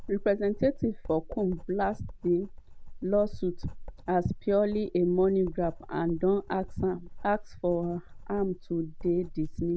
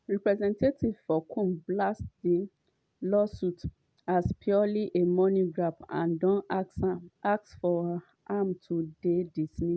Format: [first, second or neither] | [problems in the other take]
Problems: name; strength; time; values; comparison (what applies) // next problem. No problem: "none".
second | background sound (Writing); 12 dB below the speech